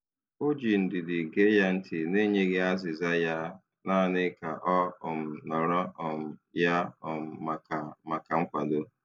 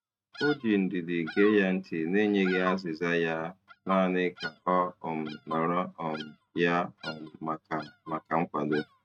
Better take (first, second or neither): first